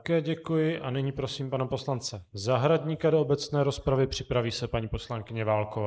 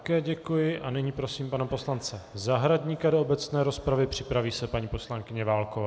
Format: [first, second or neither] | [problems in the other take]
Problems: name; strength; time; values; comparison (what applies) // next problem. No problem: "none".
second | noise reduction (neural mask model Resemble Enhance denoiser)